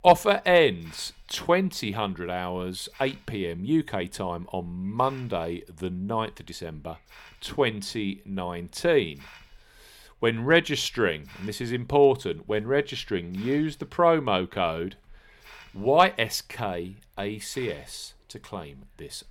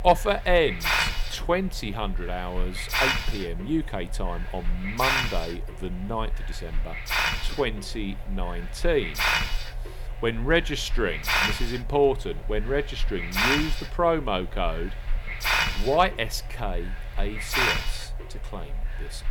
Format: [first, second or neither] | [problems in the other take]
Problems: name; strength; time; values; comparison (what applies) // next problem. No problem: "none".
first | hiss; loud; throughout; 1 dB below the speech; faint in the first